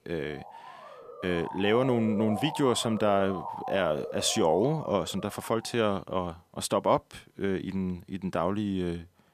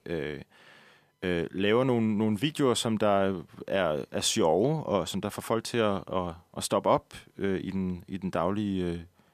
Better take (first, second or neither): second